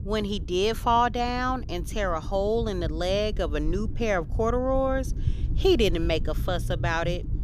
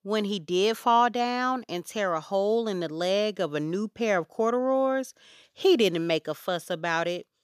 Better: second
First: low rumble; faint; throughout; 20 dB below the speech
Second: none

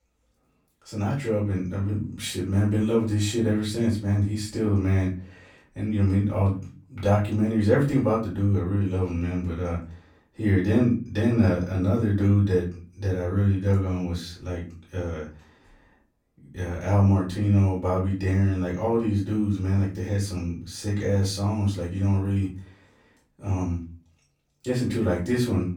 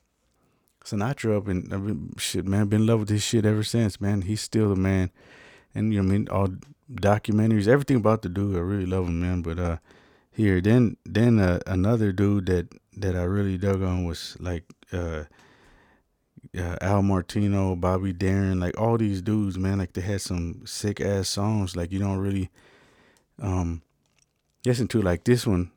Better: second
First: off-mic speech; far // room echo; slight; dies away in 0.3 s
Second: none

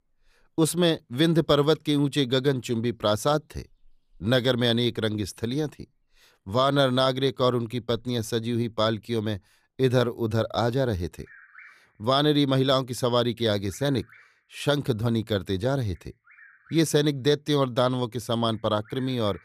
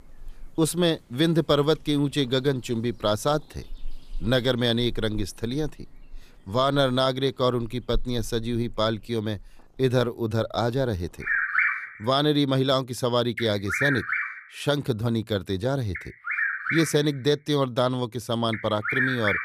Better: first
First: animal sounds; faint; throughout; 30 dB below the speech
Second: animal sounds; loud; throughout; 3 dB below the speech

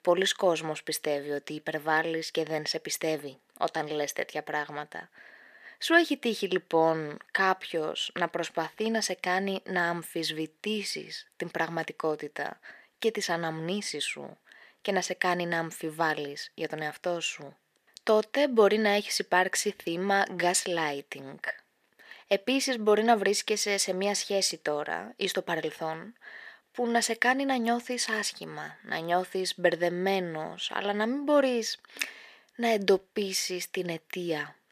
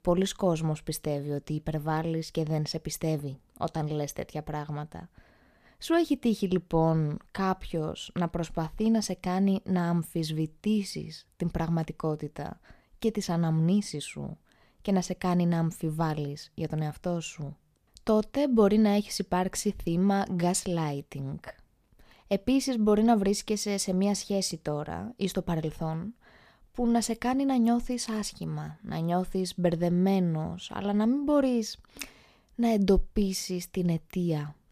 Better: second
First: thin; somewhat; fading below 450 Hz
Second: none

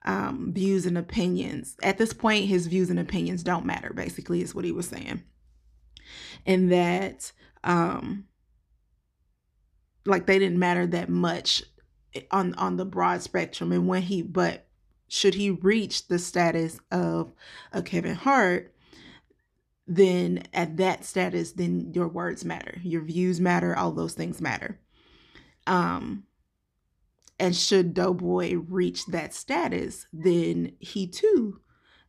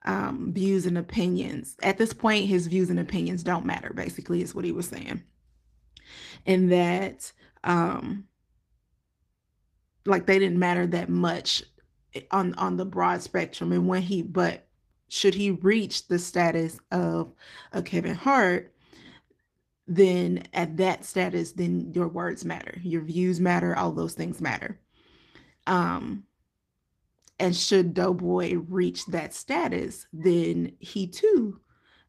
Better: first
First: none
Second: garbled, watery; slightly; nothing above 14.5 kHz

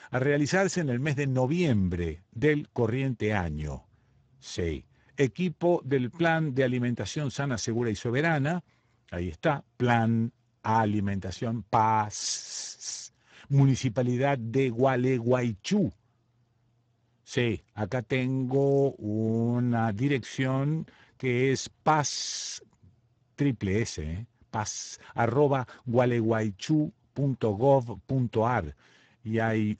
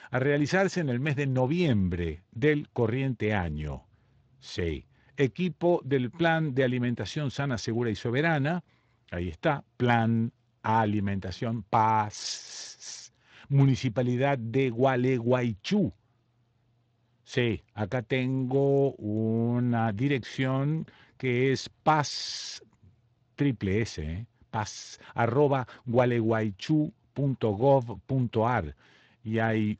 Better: second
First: garbled, watery; badly; nothing above 7.5 kHz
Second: garbled, watery; slightly

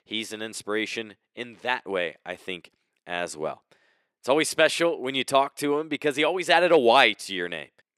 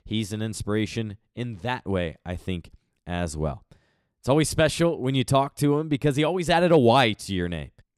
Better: second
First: thin; somewhat; fading below 400 Hz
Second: none

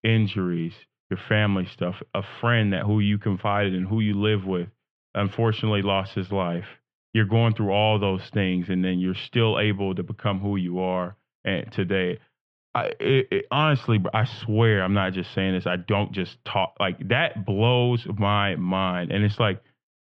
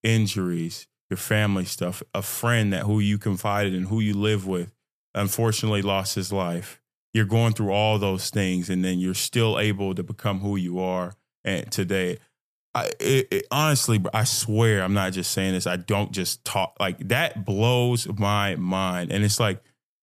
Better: second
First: muffled; very; fading above 3 kHz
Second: none

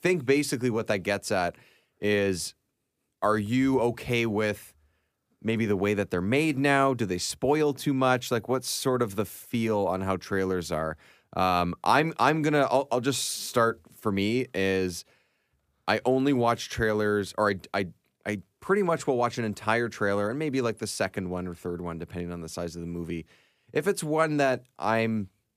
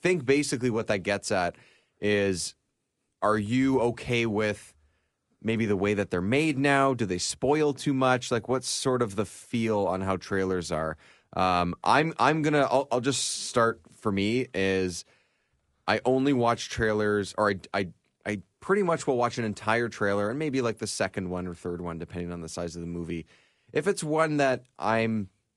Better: first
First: none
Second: garbled, watery; slightly; nothing above 10.5 kHz

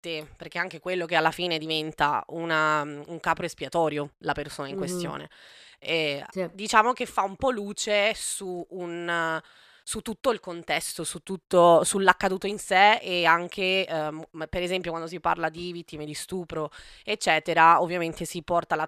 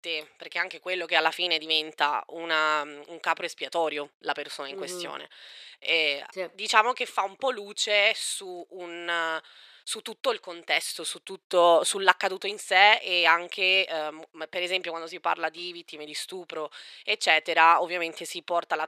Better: first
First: none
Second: thin; somewhat; fading below 450 Hz

